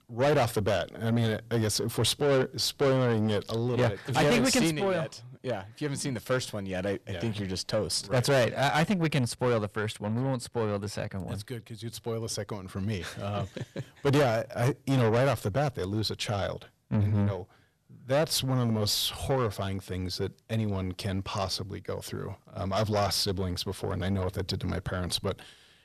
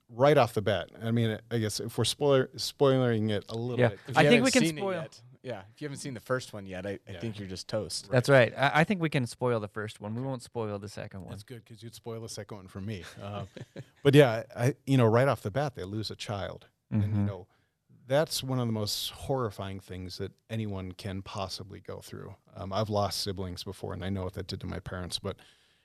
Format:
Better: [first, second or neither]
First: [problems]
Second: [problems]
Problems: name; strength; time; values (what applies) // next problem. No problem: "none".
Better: second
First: distortion; heavy; 6 dB below the speech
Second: none